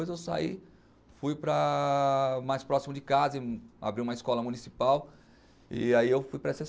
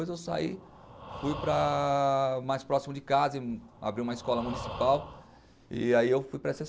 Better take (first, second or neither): first